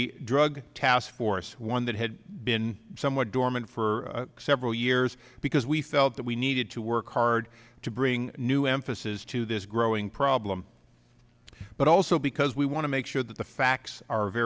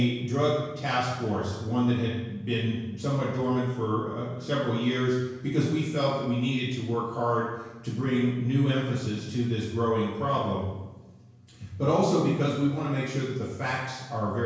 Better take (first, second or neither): first